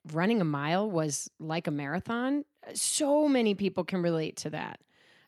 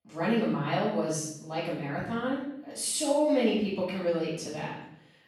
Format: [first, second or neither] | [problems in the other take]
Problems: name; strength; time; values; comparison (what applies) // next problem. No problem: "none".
first | off-mic speech; far // room echo; noticeable; dies away in 0.6 s